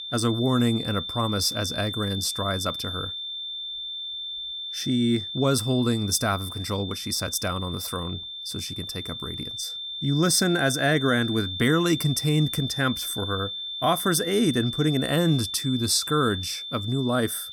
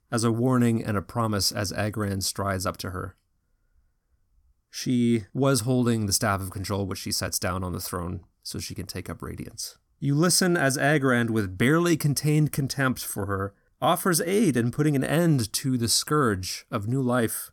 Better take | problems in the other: second | high-pitched whine; loud; throughout; 3.5 kHz, 6 dB below the speech

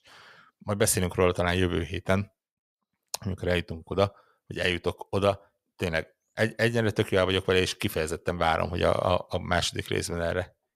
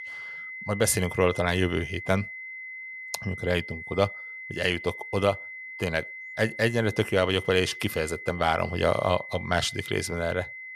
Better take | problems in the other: first | high-pitched whine; noticeable; throughout; 2 kHz, 10 dB below the speech

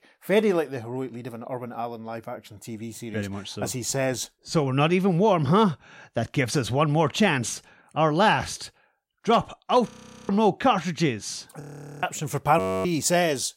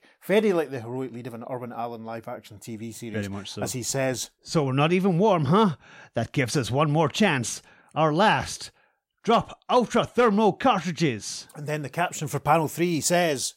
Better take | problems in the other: second | audio freezing; at 10 s, at 12 s and at 13 s

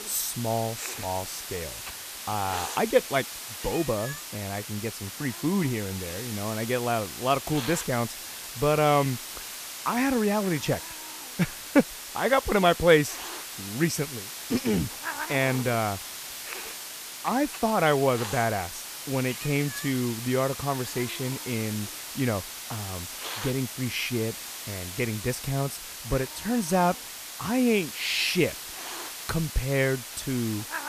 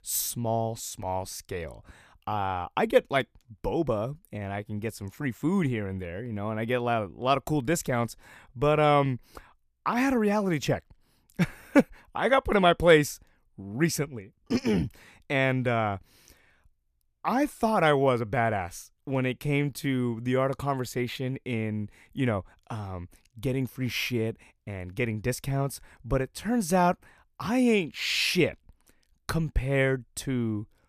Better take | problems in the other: second | hiss; loud; throughout; 8 dB below the speech

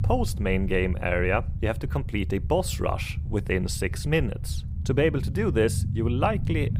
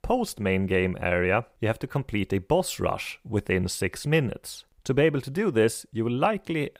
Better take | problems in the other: second | low rumble; noticeable; throughout; 15 dB below the speech

